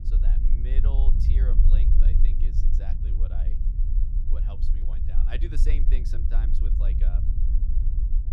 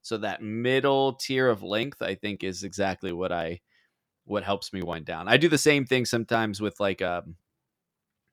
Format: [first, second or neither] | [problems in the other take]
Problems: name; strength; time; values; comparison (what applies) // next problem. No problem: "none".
second | low rumble; loud; throughout; 1 dB below the speech